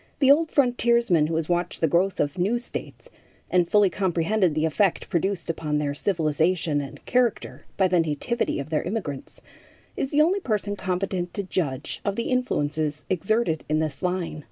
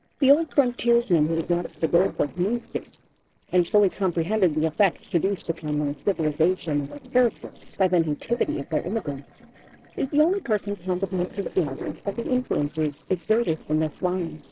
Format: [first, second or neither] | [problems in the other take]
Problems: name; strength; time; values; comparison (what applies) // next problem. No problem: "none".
first | noise reduction (neural separator model SepFormer DNS4)